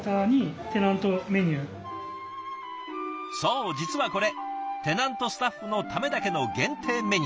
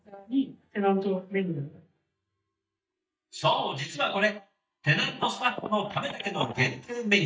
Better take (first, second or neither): first